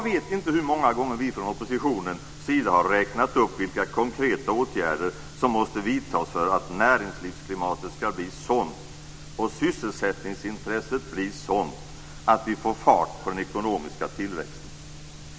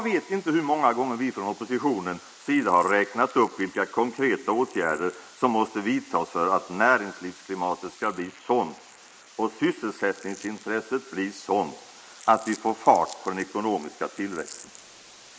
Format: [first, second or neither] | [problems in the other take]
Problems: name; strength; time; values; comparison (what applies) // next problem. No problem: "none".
first | noise reduction (neural mask model Resemble Enhance denoiser)